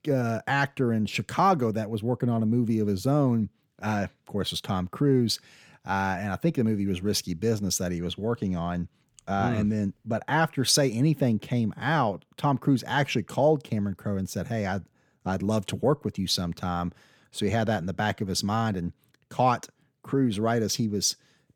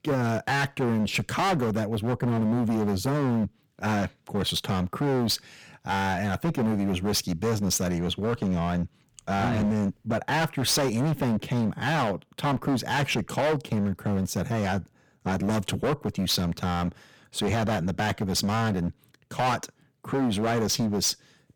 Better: first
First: none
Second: distortion; heavy; 20% of the sound clipped

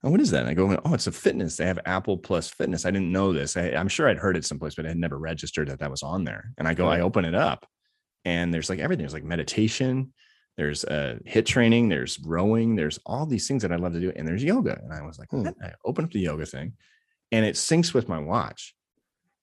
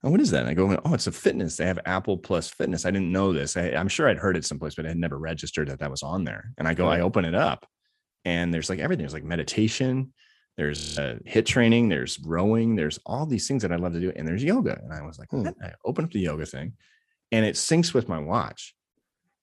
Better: first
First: none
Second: audio freezing; at 11 s

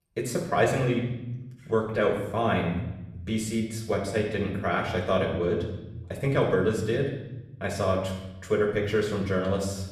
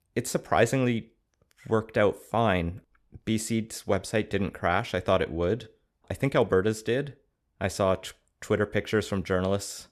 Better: second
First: off-mic speech; far // room echo; noticeable; dies away in 1 s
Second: none

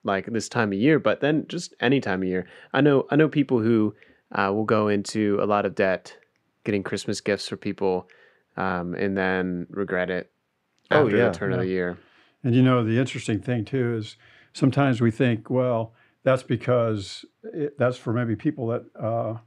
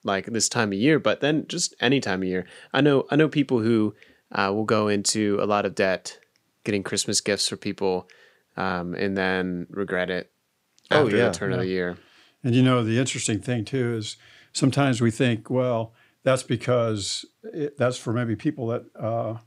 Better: second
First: muffled; slightly; fading above 3.5 kHz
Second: none

